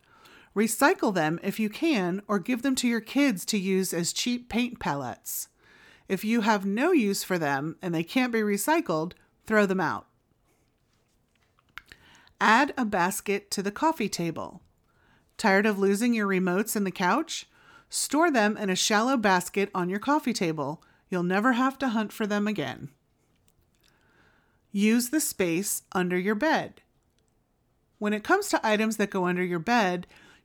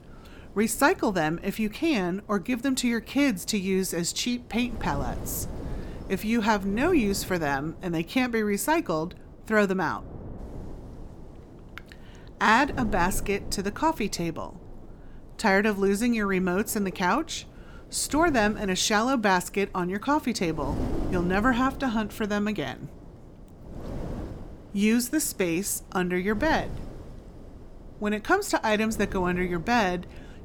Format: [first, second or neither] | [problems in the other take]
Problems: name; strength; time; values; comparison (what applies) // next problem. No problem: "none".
first | wind noise on the microphone; occasional gusts; 20 dB below the speech